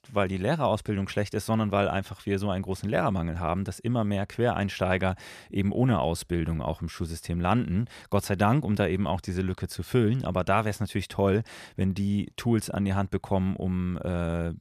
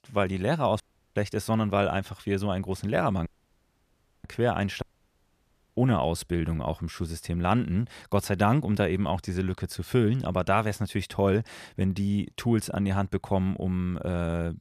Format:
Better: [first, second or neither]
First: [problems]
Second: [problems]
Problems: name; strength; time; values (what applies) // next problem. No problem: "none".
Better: first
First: none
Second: audio cutting out; at 1 s, at 3.5 s for 1 s and at 5 s for 1 s